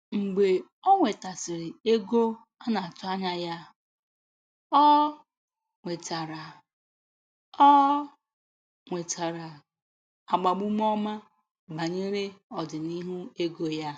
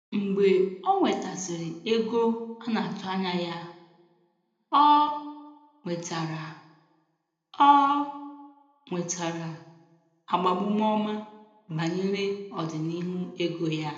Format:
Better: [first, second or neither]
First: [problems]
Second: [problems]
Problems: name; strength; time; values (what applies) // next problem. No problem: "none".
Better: first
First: none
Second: room echo; dies away in 0.7 s